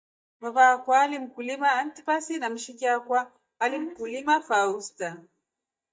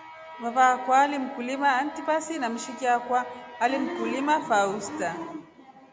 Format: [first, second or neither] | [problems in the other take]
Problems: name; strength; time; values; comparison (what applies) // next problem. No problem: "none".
second | noise reduction (neural mask model DeepFilterNet 3)